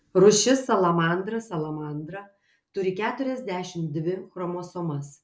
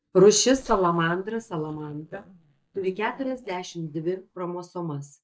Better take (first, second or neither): first